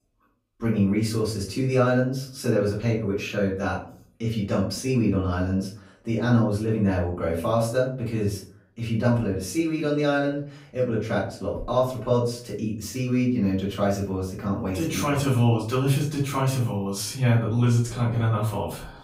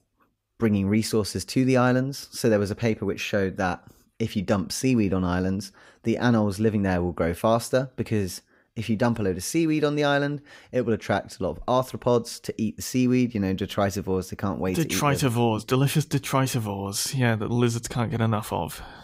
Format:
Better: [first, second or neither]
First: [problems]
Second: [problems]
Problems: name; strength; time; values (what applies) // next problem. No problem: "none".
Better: second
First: off-mic speech; far // room echo; slight; dies away in 0.4 s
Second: none